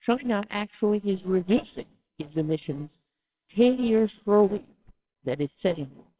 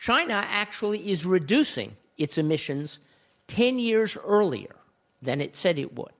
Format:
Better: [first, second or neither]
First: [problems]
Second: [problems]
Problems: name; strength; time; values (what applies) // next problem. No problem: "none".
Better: second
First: noise reduction (neural separator model SepFormer WHAMR!)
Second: none